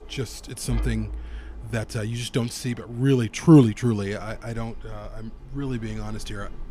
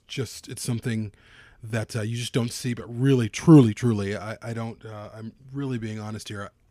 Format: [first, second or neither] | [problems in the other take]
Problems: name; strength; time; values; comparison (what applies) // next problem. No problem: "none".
second | wind in the background; noticeable; throughout; 15 dB below the speech